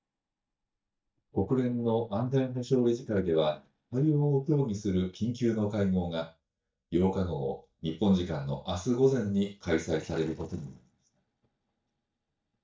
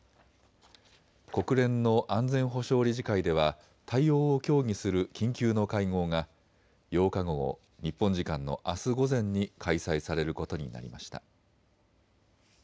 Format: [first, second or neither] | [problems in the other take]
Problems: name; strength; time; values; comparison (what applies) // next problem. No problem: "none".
second | noise reduction (neural mask model DeepFilterNet 3)